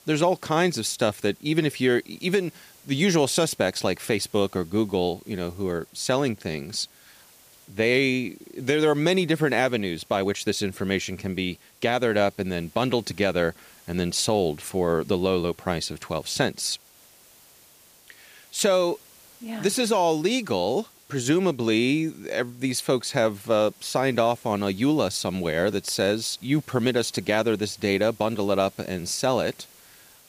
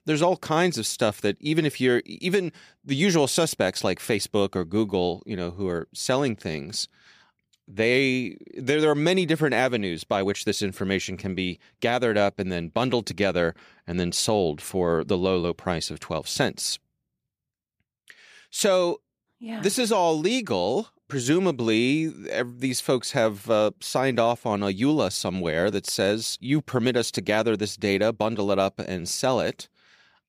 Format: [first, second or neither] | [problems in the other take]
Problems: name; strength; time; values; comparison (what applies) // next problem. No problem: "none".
second | hiss; faint; throughout; 25 dB below the speech